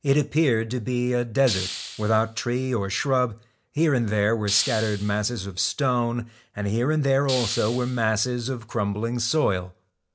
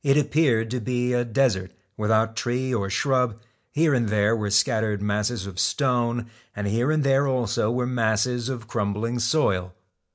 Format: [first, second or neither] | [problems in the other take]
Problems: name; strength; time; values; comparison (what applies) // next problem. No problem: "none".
second | background sound (Hiss); 11 dB below the speech